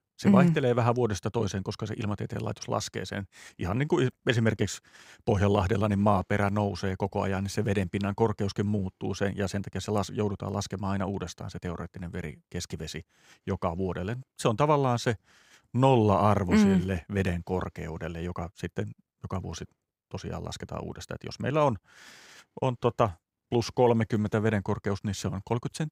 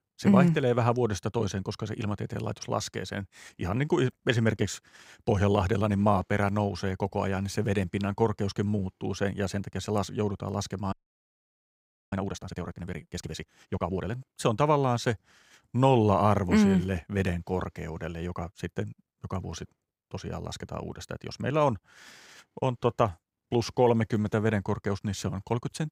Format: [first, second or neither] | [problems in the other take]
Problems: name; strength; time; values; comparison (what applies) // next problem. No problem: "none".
first | audio freezing; at 11 s for 1 s